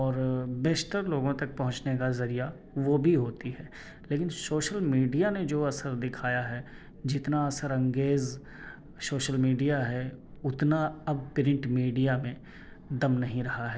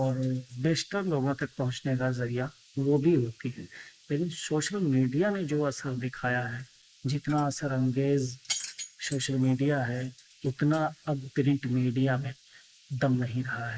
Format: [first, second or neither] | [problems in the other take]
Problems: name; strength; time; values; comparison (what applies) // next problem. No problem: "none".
first | noise reduction (neural mask model Resemble Enhance denoiser)